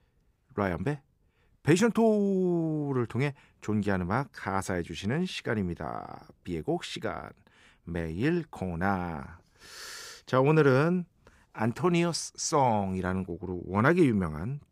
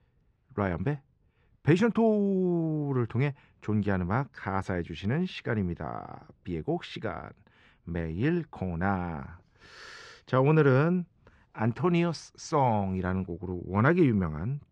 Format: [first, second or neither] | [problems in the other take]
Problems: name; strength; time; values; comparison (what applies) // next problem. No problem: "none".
first | muffled; slightly; fading above 3.5 kHz